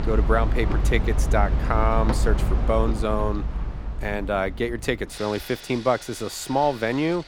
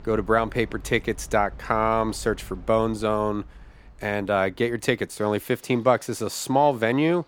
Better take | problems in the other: second | machinery noise; loud; throughout; as loud as the speech; faint in the second

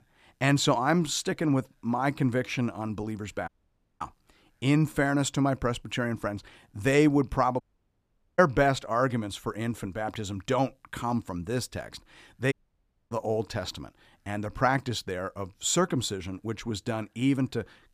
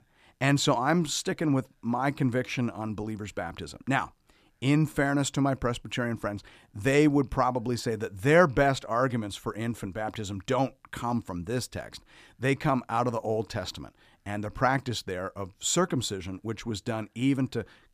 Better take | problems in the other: second | audio cutting out; at 3.5 s for 0.5 s, at 7.5 s for 1 s and at 13 s for 0.5 s

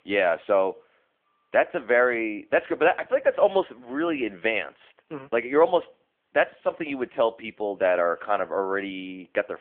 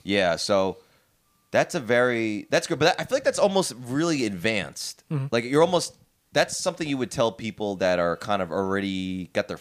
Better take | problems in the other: second | phone-call audio

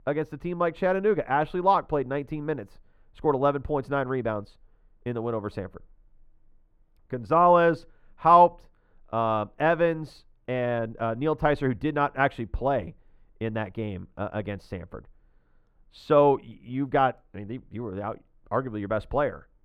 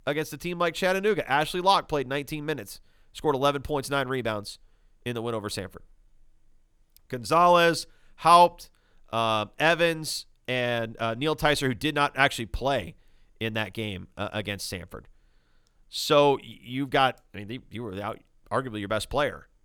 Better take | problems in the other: second | muffled; very; fading above 3 kHz

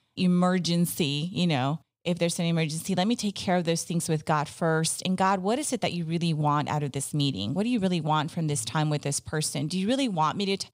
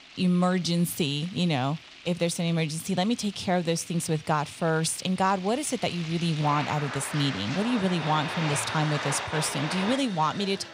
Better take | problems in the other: first | household noises; loud; throughout; 8 dB below the speech

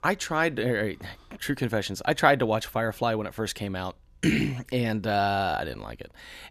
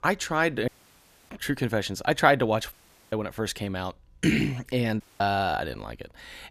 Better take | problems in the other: first | audio cutting out; at 0.5 s for 0.5 s, at 2.5 s and at 5 s

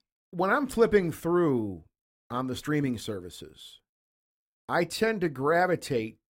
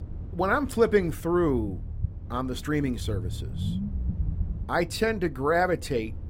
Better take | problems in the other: first | low rumble; faint; throughout; 20 dB below the speech

